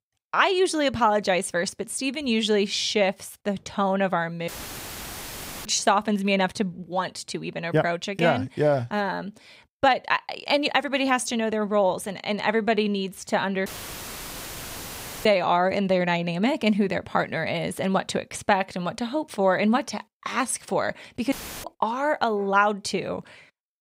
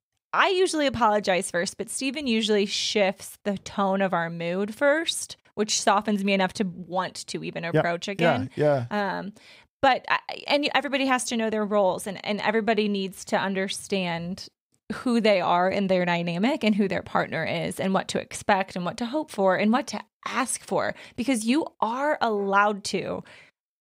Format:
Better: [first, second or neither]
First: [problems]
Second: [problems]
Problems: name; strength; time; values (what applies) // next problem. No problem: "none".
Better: second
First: audio cutting out; filled with static; at 4.5 s for 1 s, at 14 s for 1.5 s and at 21 s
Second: none